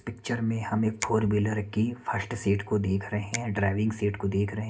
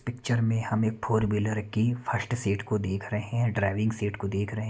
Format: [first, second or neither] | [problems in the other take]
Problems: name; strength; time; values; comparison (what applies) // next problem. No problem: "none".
second | background sound (Finger snapping); 17 dB below the speech // room echo; dies away in 0.3 s